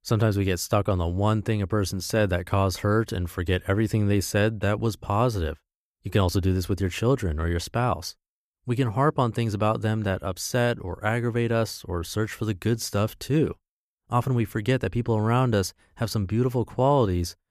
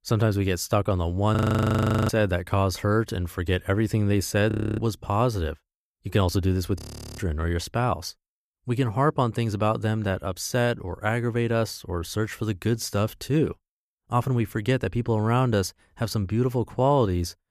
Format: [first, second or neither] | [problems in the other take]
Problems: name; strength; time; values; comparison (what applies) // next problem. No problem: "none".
first | audio freezing; at 1.5 s for 0.5 s, at 4.5 s and at 7 s